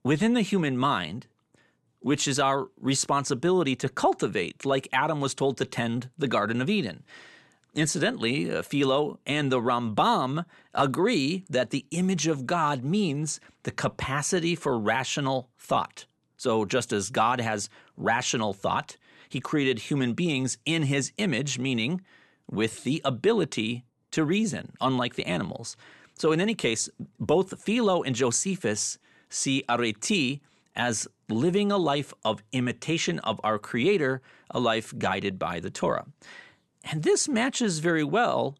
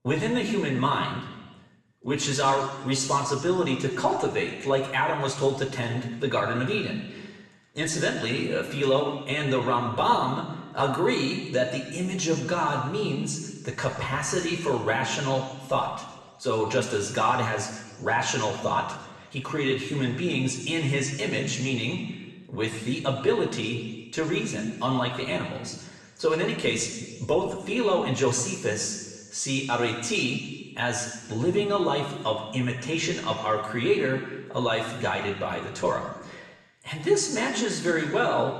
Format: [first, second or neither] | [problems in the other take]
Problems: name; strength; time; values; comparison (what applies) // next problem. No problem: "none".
first | room echo; noticeable; dies away in 1.2 s // off-mic speech; somewhat distant